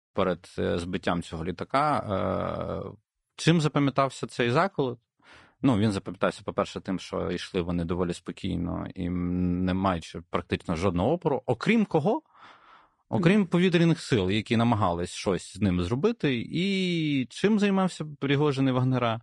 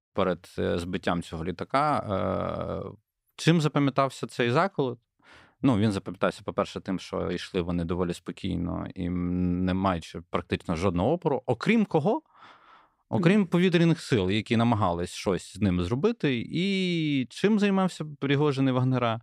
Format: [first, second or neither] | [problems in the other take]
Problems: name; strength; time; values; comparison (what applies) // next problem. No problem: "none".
second | garbled, watery; slightly